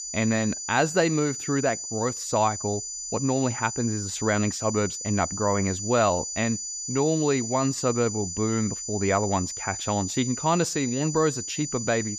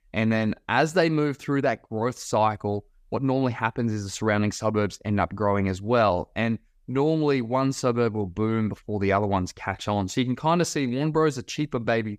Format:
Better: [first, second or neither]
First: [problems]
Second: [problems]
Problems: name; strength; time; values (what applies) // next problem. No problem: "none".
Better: second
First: high-pitched whine; loud; throughout; 7 kHz, 5 dB below the speech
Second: none